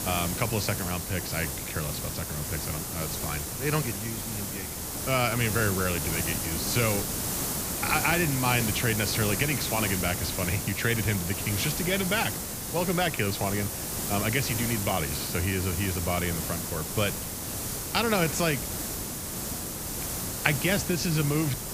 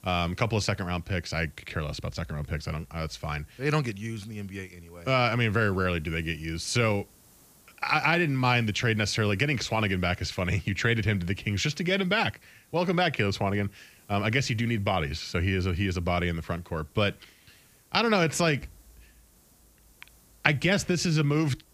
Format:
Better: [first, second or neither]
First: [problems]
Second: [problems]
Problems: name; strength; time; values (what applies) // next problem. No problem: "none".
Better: second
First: hiss; loud; throughout; 2 dB below the speech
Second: hiss; faint; throughout; 30 dB below the speech